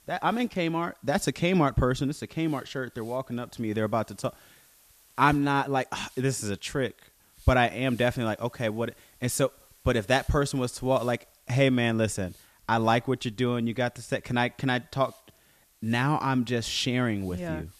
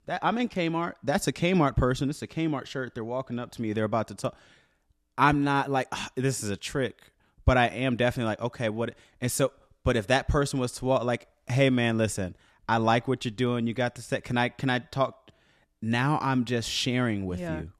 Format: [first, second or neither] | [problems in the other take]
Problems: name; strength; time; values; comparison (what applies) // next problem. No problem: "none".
second | hiss; faint; throughout; 30 dB below the speech